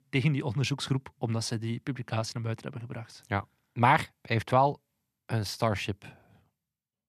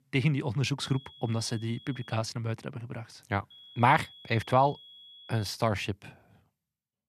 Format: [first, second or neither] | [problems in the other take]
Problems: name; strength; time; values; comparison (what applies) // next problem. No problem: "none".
first | high-pitched whine; faint; from 1 to 2 s and from 3.5 to 5.5 s; 3.5 kHz, 20 dB below the speech